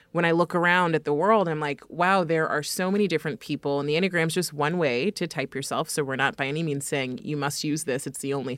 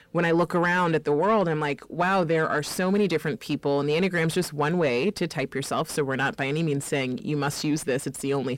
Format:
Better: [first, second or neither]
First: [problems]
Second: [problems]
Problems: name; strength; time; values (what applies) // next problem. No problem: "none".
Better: first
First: none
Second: distortion; slight; 10 dB below the speech